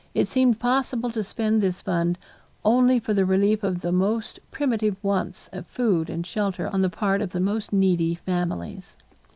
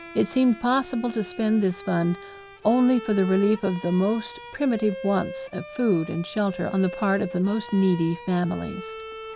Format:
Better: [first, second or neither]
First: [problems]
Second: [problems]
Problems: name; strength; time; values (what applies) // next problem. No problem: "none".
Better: first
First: none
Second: background sound (Bowed string instrument); 14 dB below the speech